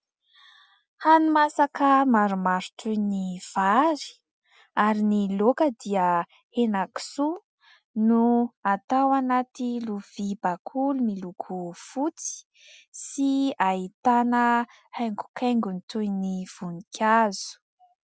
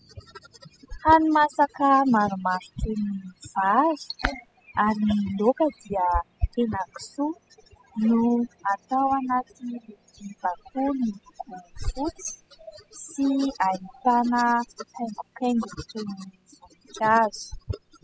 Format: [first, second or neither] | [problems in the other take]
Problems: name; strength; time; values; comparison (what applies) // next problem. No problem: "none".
first | noise reduction (classical method spectral subtraction)